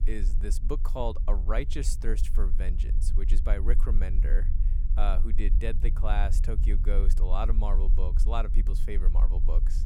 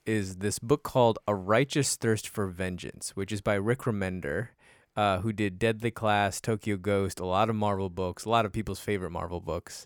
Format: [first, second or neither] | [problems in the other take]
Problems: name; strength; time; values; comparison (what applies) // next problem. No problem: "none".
second | low rumble; noticeable; throughout; 10 dB below the speech